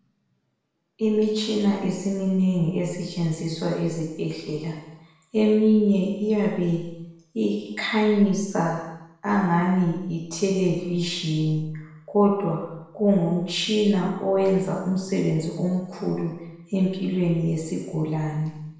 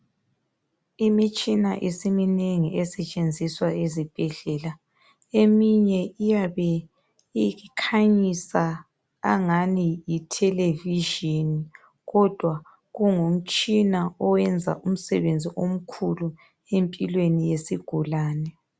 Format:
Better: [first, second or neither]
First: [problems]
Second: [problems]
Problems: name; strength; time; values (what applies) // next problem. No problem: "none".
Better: second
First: room echo; dies away in 0.9 s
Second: none